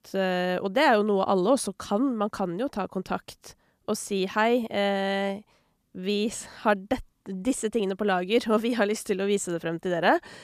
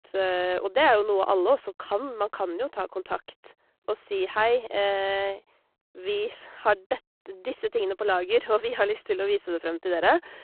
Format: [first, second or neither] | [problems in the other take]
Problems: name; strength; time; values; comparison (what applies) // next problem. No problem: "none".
first | phone-call audio; poor line